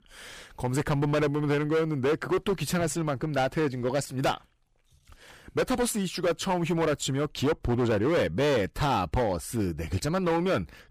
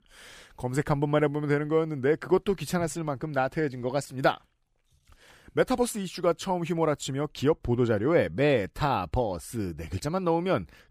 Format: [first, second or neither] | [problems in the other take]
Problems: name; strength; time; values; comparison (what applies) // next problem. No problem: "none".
second | distortion; heavy; 14% of the sound clipped